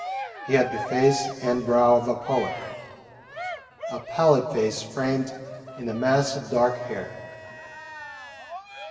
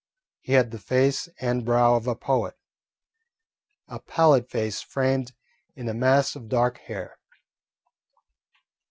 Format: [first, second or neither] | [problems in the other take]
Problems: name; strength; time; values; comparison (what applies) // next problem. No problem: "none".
second | background sound (Cheering); 11 dB below the speech // room echo; dies away in 2.5 s